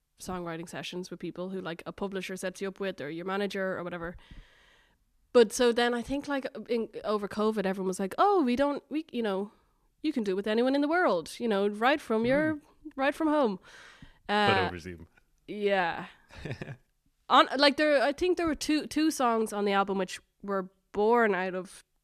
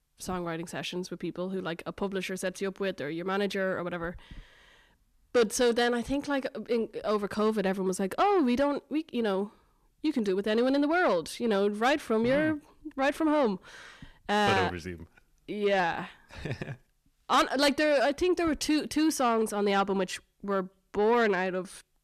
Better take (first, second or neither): first